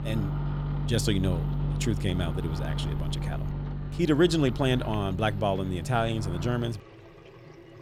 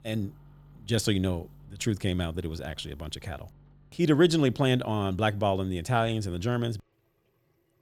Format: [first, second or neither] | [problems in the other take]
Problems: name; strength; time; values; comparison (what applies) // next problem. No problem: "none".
second | household noises; loud; throughout; 4 dB below the speech; faint in the second